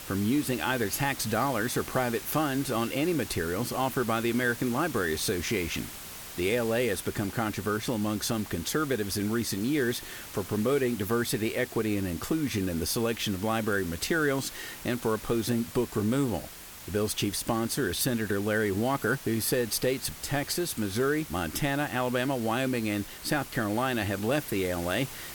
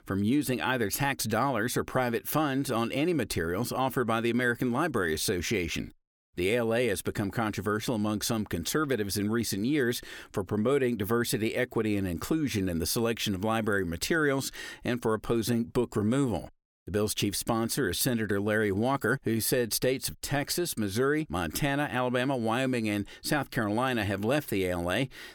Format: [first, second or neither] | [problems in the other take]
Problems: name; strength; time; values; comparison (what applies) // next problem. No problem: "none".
second | hiss; noticeable; throughout; 10 dB below the speech